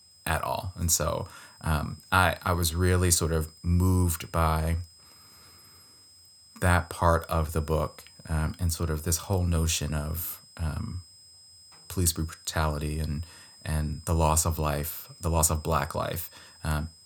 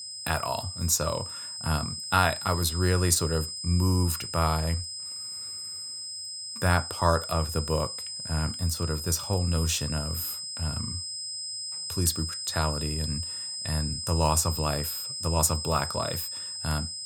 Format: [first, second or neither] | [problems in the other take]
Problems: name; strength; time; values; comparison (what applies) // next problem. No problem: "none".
first | high-pitched whine; loud; throughout; 5 kHz, 5 dB below the speech; faint in the first